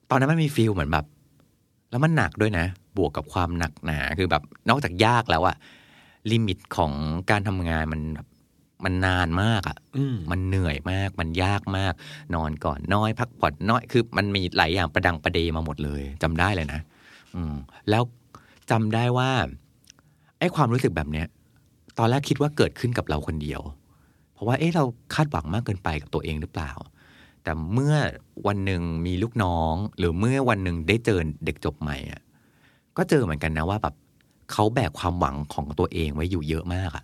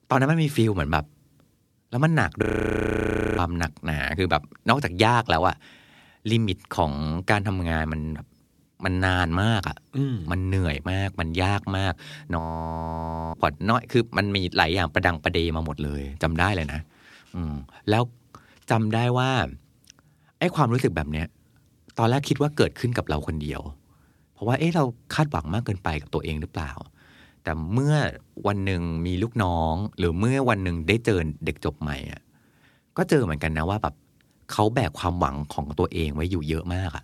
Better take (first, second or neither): first